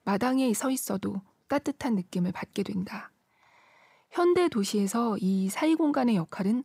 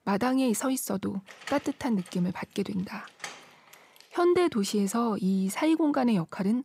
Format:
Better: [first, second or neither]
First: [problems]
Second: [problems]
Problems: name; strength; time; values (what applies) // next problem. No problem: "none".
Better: first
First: none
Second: door banging; faint; from 1.5 to 4 s; peak 15 dB below the speech